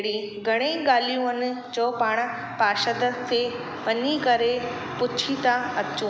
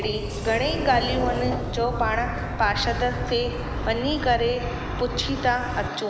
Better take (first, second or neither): first